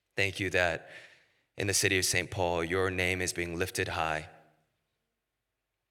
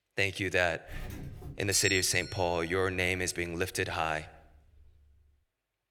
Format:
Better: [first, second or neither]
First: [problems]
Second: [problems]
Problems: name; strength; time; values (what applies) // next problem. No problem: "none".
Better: first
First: none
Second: doorbell; noticeable; from 1 to 4.5 s; peak 3 dB below the speech